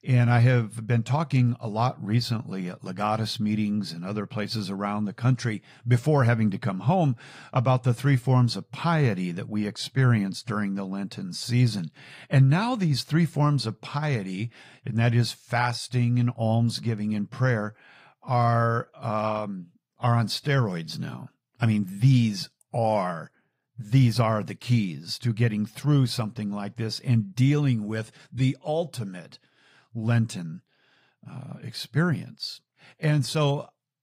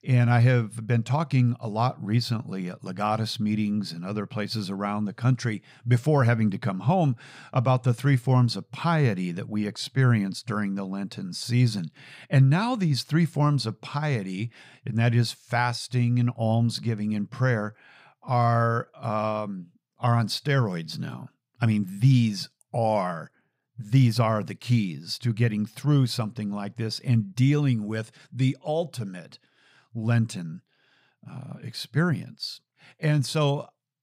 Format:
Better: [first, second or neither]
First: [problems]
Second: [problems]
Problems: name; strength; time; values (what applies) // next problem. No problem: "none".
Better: second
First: garbled, watery; slightly; nothing above 15.5 kHz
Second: none